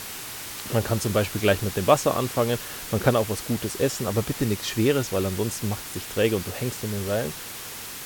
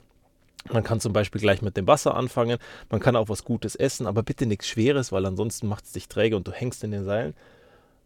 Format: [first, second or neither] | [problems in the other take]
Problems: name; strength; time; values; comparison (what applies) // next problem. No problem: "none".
second | hiss; loud; throughout; 8 dB below the speech